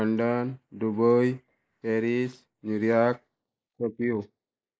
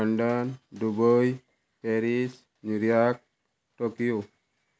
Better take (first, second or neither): second